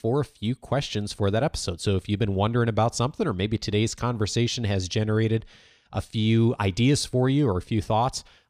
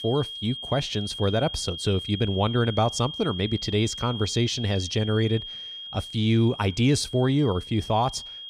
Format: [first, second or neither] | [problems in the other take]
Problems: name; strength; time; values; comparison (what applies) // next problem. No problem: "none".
first | high-pitched whine; loud; throughout; 3.5 kHz, 9 dB below the speech